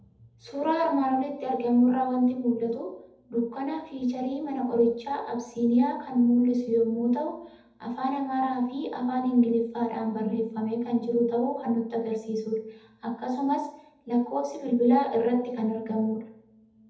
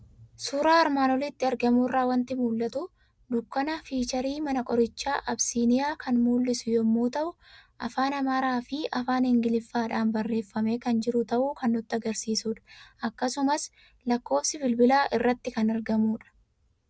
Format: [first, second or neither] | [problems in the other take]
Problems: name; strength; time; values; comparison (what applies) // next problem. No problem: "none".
second | room echo; dies away in 0.7 s